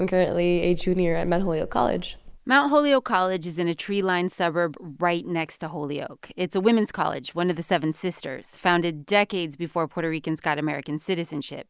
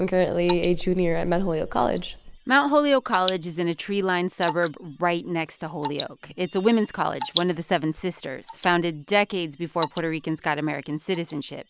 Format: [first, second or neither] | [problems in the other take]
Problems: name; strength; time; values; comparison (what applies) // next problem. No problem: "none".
first | background sound (Drip / Water); 15 dB below the speech